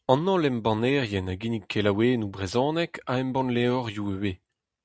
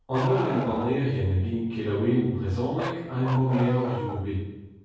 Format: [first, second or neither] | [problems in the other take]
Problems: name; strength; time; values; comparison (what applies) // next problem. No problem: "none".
first | background sound (Bark); 11 dB below the speech // room echo; dies away in 1.3 s